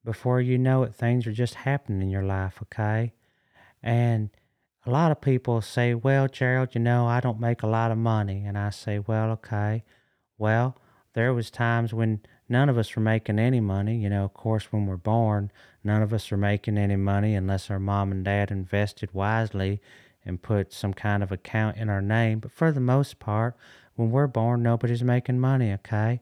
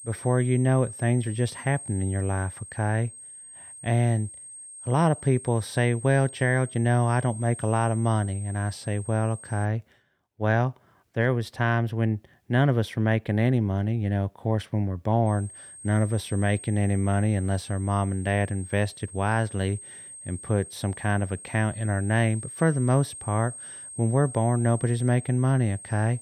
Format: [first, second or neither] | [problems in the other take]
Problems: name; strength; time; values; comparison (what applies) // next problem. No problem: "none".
first | high-pitched whine; noticeable; until 9.5 s and from 15 s on; 8.5 kHz, 15 dB below the speech